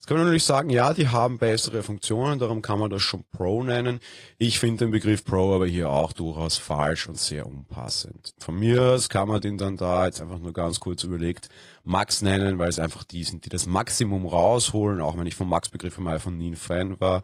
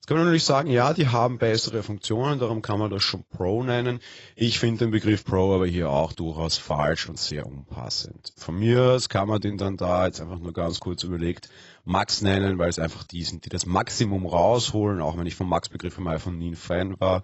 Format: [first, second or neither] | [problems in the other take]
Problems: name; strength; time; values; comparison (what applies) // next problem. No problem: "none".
first | garbled, watery; badly; nothing above 8 kHz; slightly in the first